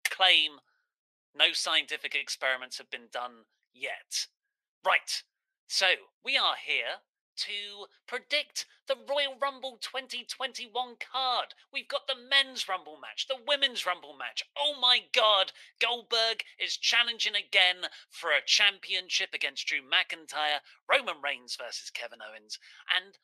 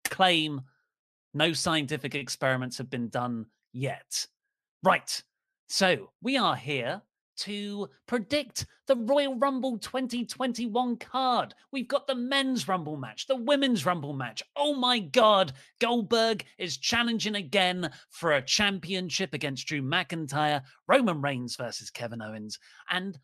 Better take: second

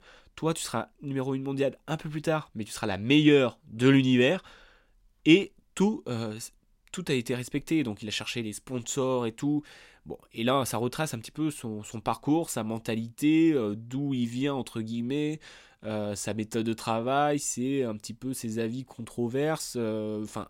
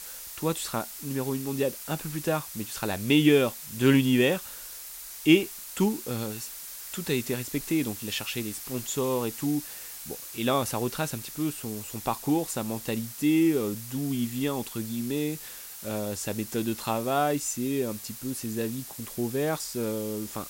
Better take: first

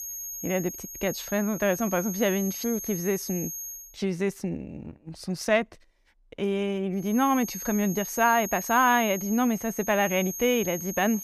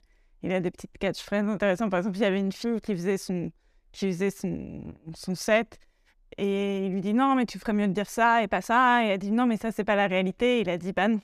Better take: second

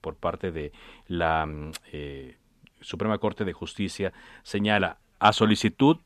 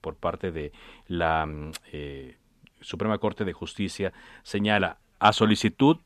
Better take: neither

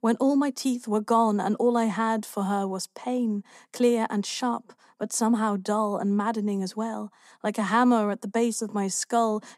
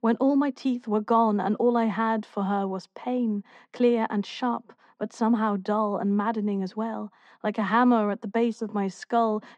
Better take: first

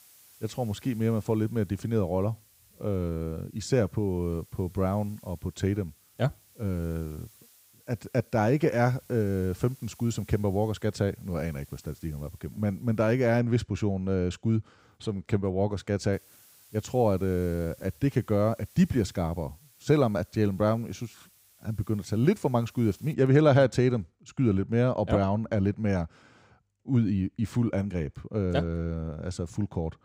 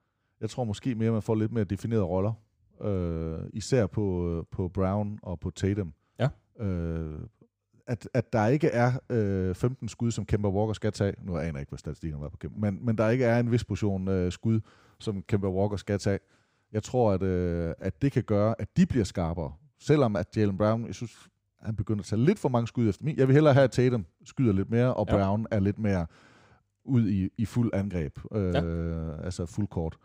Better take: second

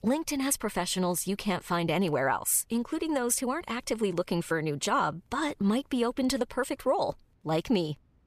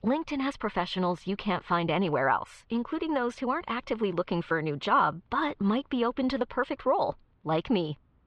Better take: first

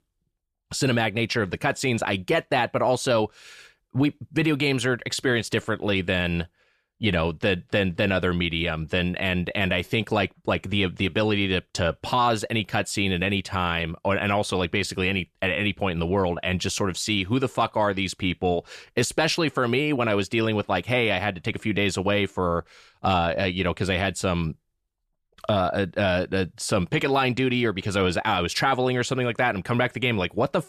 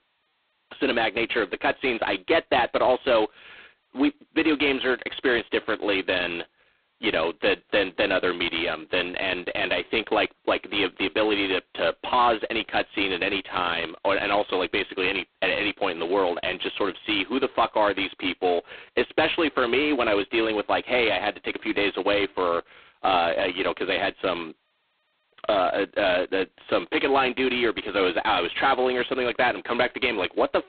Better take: first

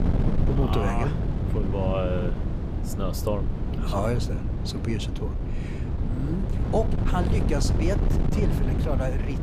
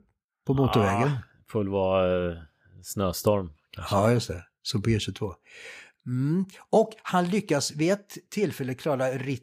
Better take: second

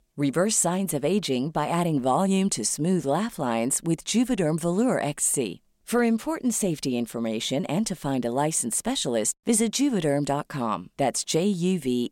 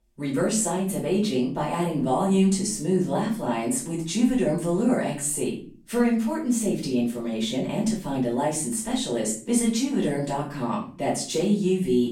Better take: first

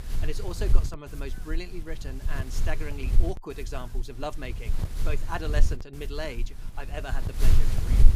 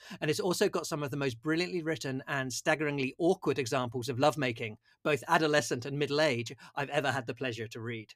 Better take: second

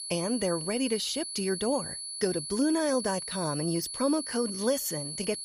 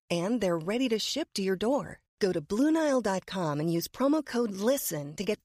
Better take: second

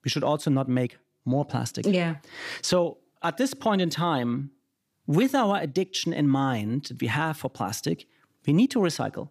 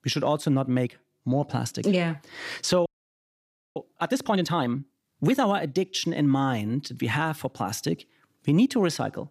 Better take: first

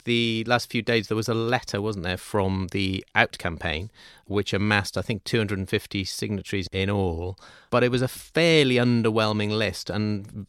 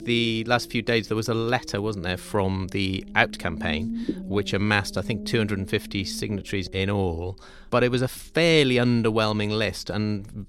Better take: first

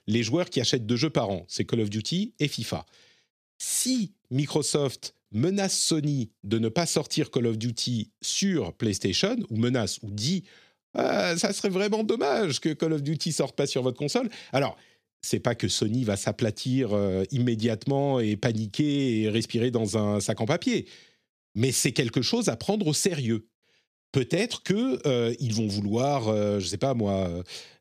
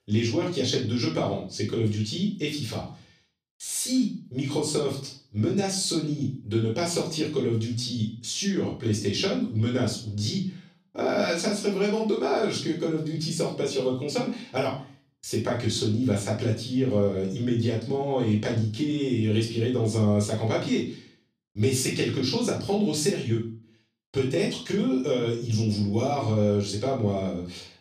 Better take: first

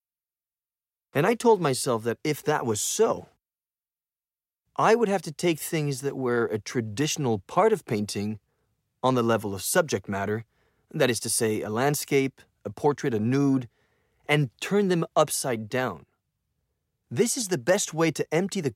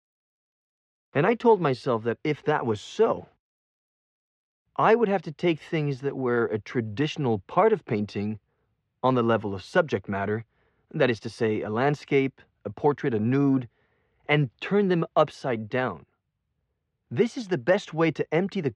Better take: first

